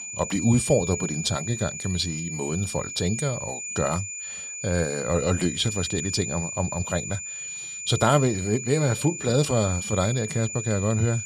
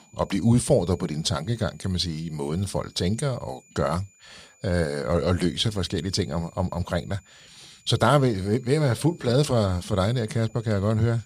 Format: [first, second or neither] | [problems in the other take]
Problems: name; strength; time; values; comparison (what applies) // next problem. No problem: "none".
second | high-pitched whine; loud; throughout; 7 kHz, 6 dB below the speech; faint in the second